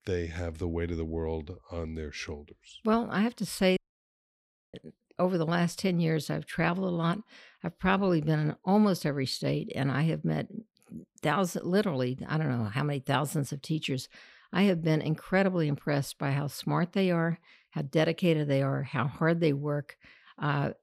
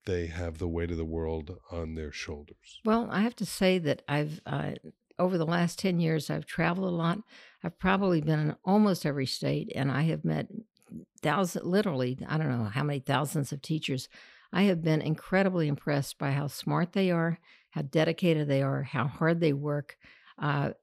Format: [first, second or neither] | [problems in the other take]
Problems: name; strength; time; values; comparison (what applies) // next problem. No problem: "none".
second | audio cutting out; at 4 s for 1 s